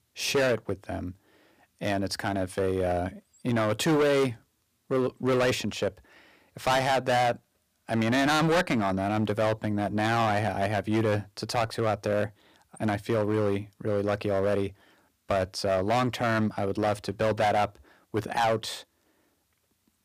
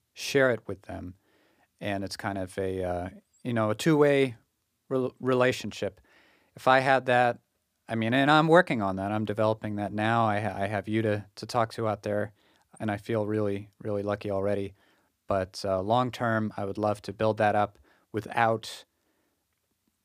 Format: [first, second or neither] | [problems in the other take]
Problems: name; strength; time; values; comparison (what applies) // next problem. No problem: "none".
second | distortion; heavy; 10% of the sound clipped